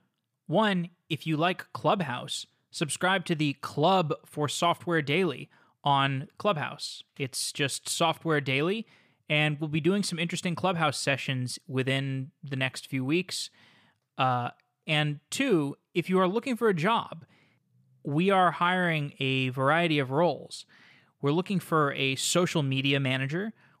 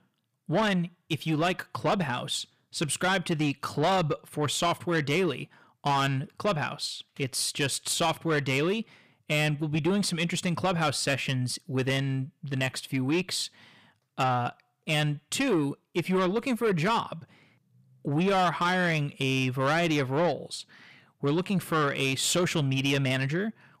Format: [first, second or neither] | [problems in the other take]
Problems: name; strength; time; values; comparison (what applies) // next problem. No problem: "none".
first | distortion; slight; 10 dB below the speech